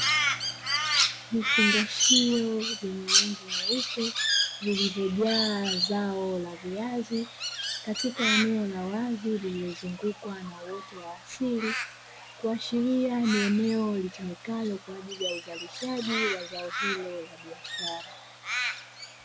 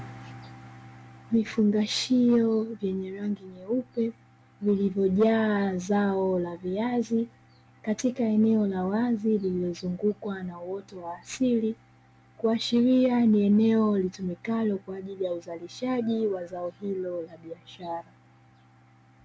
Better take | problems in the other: second | background sound (Crow); as loud as the speech

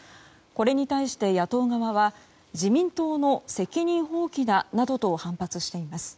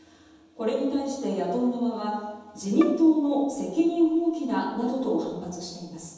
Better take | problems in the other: first | background sound (Bowed string instrument); 18 dB below the speech // room echo; dies away in 1.1 s

